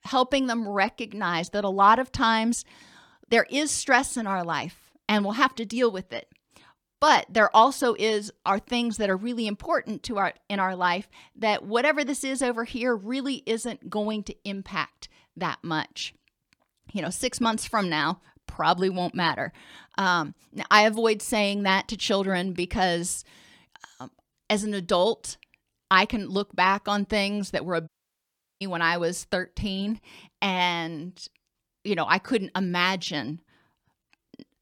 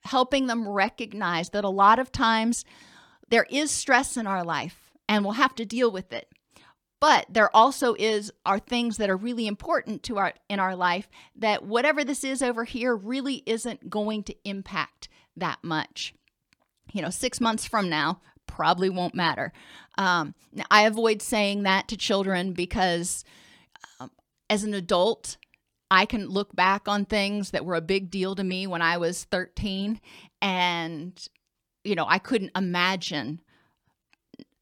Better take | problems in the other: second | audio cutting out; at 28 s for 0.5 s

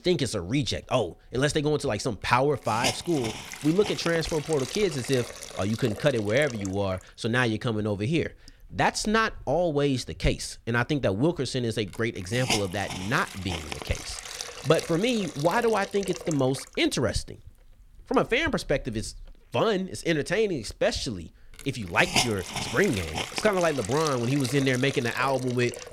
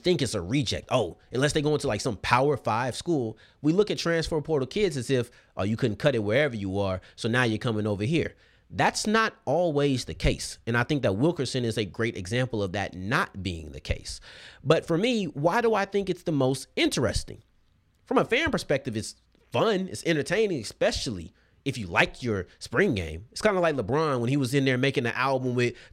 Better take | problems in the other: second | hiss; loud; throughout; 7 dB below the speech

